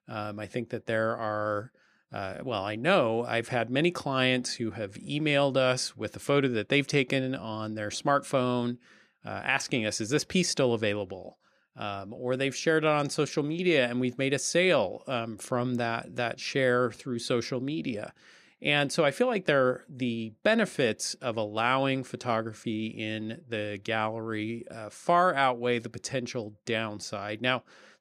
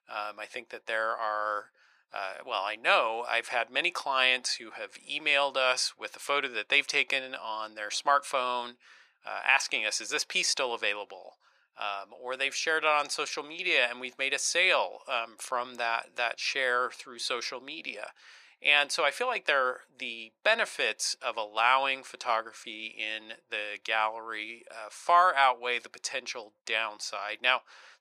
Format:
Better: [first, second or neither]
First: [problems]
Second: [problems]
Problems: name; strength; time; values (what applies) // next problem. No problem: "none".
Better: first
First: none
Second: thin; very; fading below 850 Hz